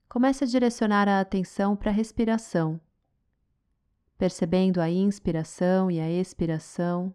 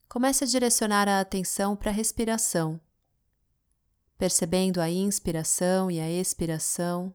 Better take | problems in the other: second | muffled; slightly; fading above 3 kHz

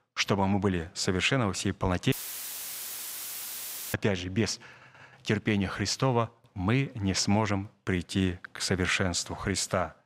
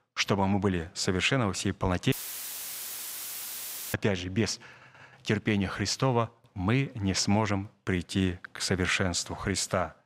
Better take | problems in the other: neither | audio cutting out; filled with static; at 2 s for 2 s; the same in both

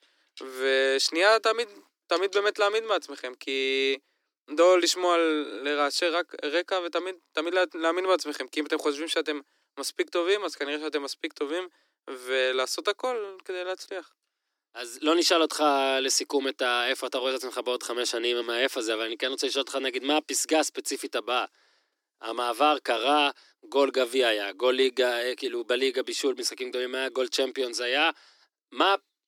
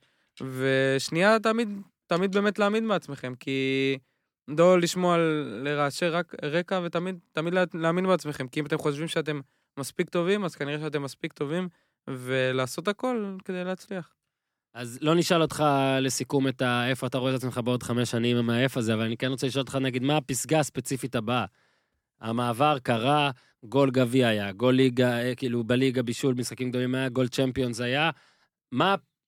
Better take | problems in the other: second | thin; somewhat; fading below 300 Hz

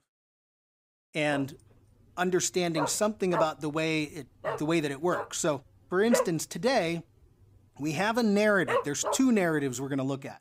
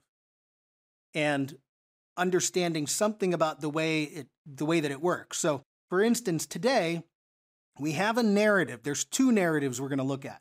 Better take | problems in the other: second | dog barking; noticeable; from 1.5 to 9 s; peak 1 dB below the speech

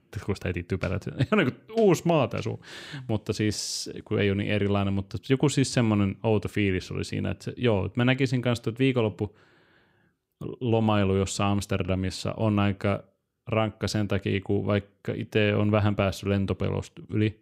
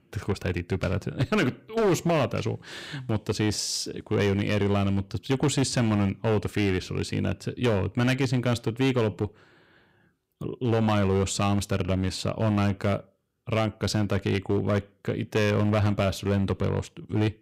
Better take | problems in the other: first | distortion; slight; 9% of the sound clipped

